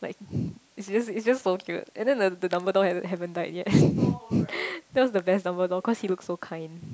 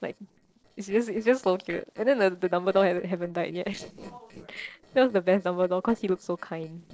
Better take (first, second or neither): first